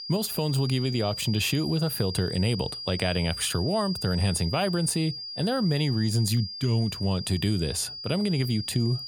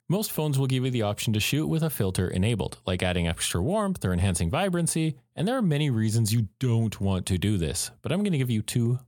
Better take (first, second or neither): second